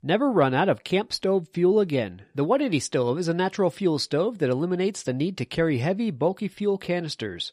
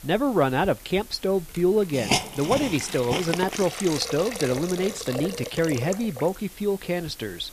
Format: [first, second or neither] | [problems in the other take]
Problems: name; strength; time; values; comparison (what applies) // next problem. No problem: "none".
first | hiss; loud; throughout; 5 dB below the speech